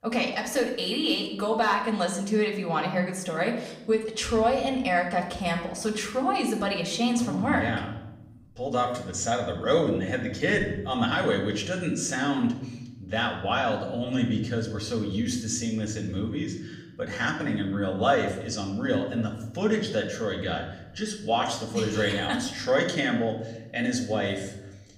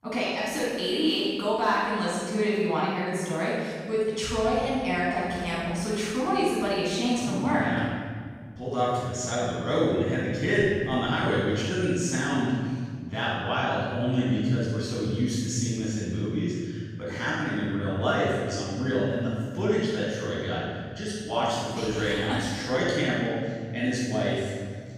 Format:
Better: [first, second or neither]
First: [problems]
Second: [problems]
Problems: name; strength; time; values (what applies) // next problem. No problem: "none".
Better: first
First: room echo; slight; dies away in 0.8 s // off-mic speech; far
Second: room echo; strong; dies away in 2.2 s // off-mic speech; far